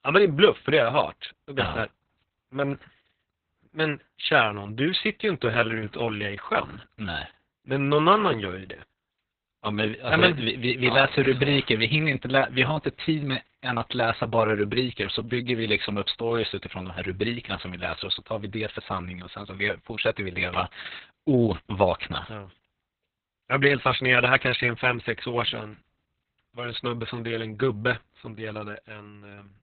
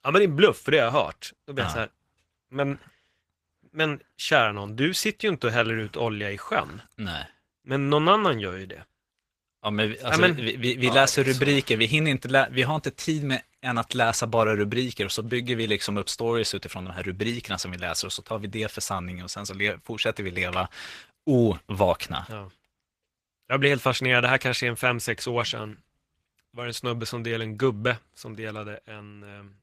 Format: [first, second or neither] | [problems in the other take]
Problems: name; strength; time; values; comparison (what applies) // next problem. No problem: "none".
second | garbled, watery; badly; nothing above 4 kHz; slightly in the second